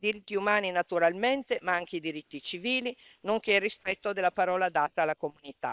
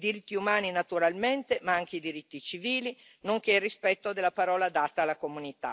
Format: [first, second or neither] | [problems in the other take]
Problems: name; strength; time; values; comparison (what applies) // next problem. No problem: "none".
second | noise reduction (neural separator model SepFormer WHAM!)